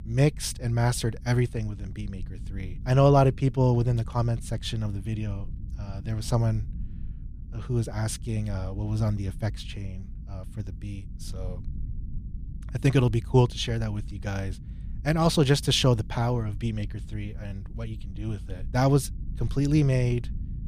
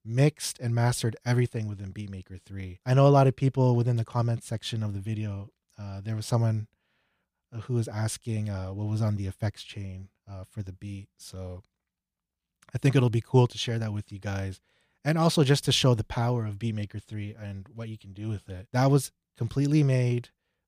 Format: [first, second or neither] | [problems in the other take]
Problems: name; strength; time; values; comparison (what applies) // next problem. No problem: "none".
second | low rumble; faint; throughout; 25 dB below the speech